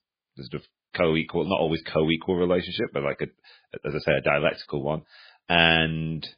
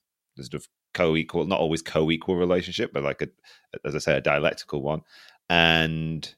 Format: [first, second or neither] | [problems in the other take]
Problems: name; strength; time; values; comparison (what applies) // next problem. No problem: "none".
second | garbled, watery; badly